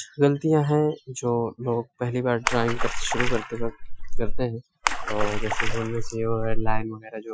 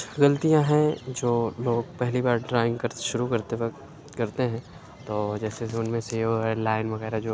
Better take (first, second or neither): second